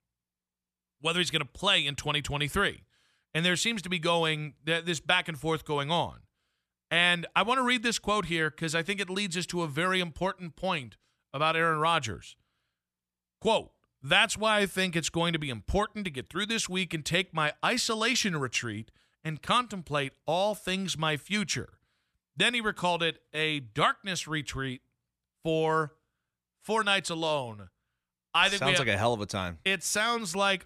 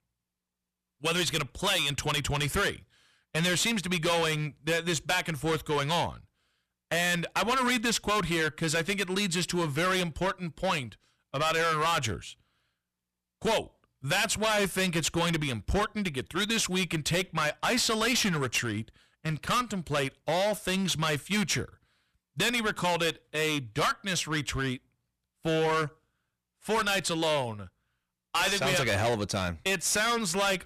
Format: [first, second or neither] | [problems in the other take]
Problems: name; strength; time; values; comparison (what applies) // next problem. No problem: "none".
first | distortion; heavy; 13% of the sound clipped